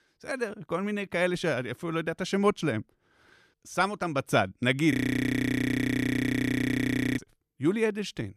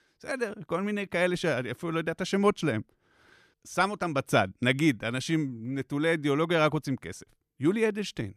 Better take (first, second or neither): second